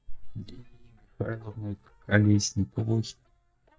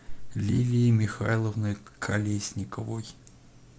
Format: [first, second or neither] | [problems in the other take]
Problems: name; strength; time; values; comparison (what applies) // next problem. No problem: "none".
second | noise reduction (neural mask model DeepFilterNet 3)